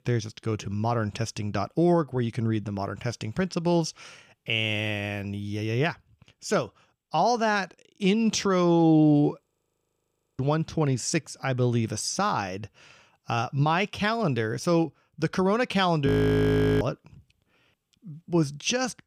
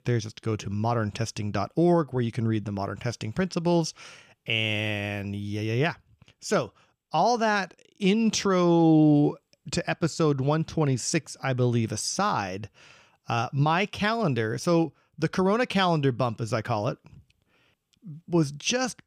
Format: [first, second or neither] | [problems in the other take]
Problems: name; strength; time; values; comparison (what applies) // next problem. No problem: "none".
second | audio freezing; at 9.5 s for 1 s and at 16 s for 0.5 s